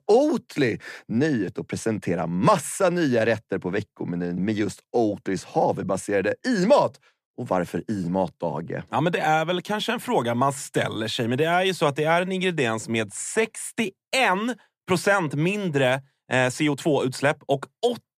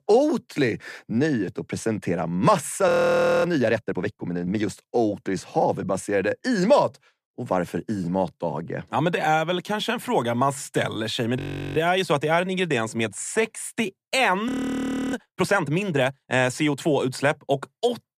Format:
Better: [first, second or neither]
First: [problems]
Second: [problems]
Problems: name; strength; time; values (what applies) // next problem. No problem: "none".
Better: first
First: none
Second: audio freezing; at 3 s for 0.5 s, at 11 s and at 14 s for 0.5 s